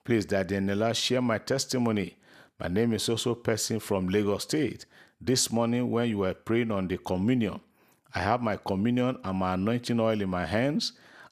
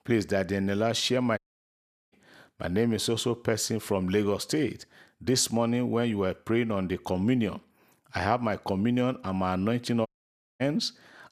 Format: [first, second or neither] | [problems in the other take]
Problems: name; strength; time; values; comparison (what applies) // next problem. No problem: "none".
first | audio cutting out; at 1.5 s for 0.5 s and at 10 s for 0.5 s